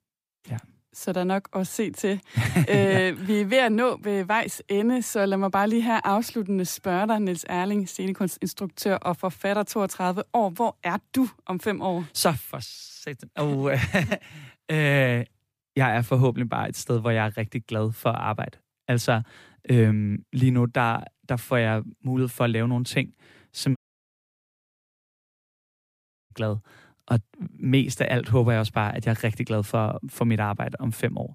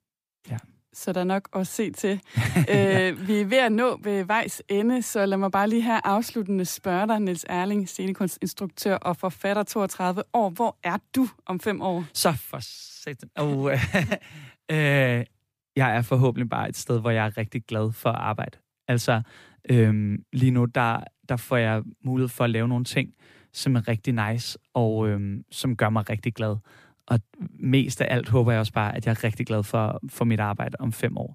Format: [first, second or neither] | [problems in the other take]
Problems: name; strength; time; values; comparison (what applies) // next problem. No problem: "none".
second | audio cutting out; at 24 s for 2.5 s